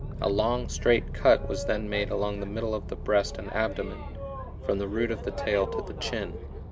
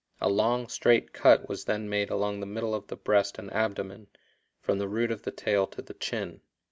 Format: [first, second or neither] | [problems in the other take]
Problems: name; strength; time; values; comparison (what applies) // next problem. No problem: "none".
second | background sound (Boat, Water vehicle); 6 dB below the speech